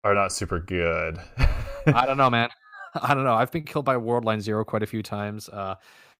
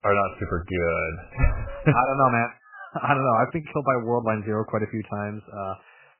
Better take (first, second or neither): first